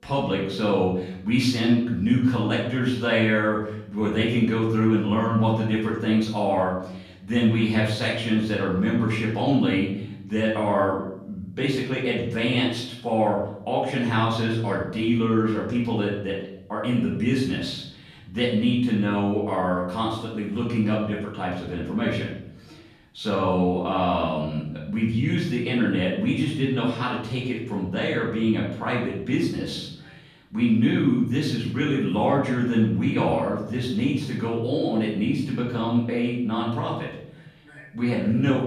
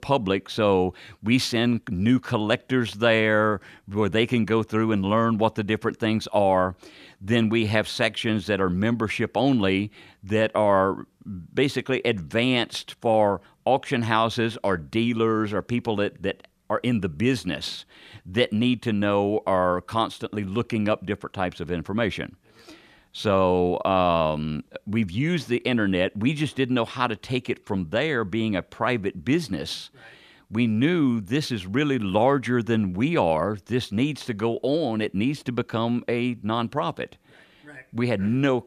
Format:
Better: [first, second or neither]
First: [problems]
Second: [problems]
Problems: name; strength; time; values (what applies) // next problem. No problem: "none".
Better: second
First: room echo; noticeable; dies away in 0.7 s // off-mic speech; far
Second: none